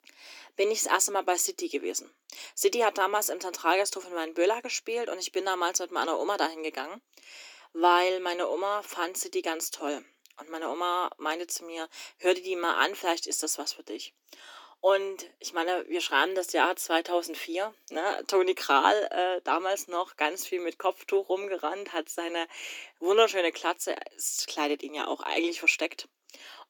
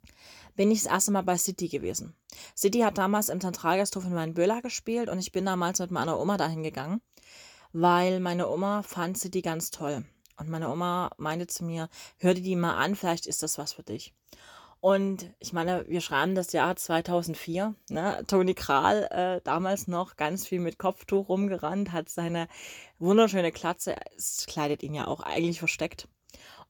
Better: second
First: thin; very; fading below 250 Hz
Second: none

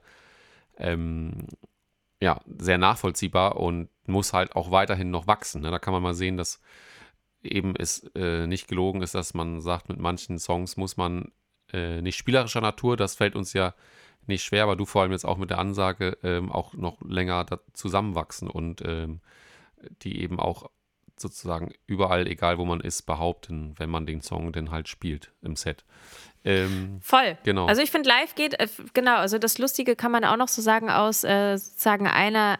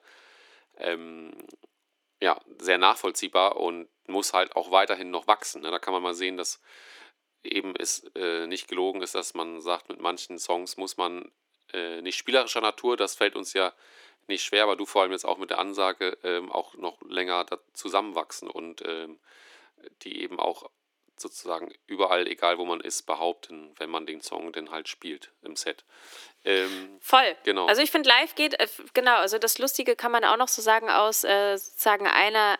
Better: first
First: none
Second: thin; somewhat; fading below 300 Hz

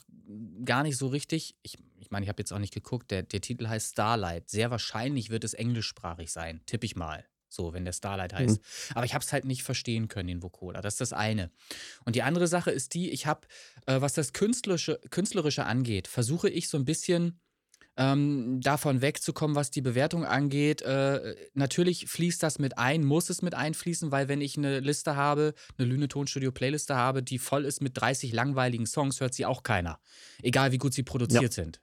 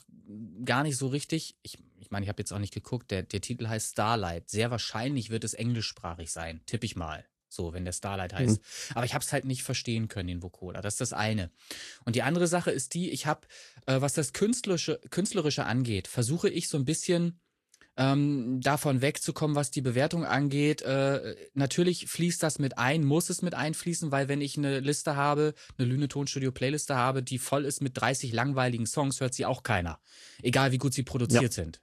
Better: first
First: none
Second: garbled, watery; slightly

